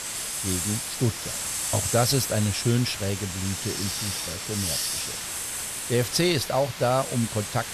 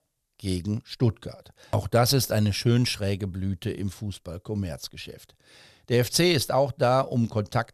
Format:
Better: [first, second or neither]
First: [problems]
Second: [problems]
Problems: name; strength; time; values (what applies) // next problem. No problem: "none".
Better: second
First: hiss; loud; throughout; 2 dB below the speech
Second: none